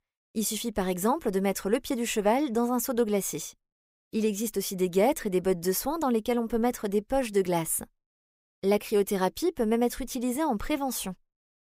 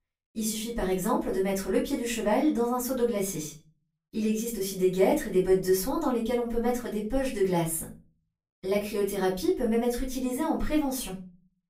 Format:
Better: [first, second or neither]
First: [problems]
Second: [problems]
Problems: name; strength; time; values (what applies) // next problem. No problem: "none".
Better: first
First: none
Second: room echo; slight; dies away in 0.3 s // off-mic speech; far